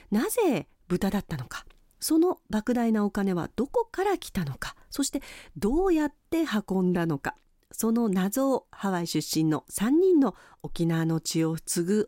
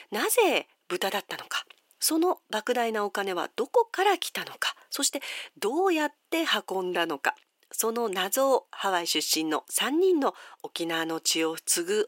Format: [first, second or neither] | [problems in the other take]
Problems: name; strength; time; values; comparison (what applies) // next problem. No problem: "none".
first | thin; very; fading below 450 Hz